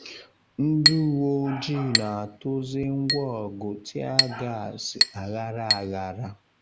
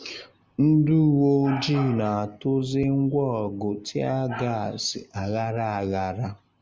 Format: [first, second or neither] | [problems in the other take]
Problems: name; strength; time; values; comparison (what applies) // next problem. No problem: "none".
second | background sound (Chink, clink); 2 dB below the speech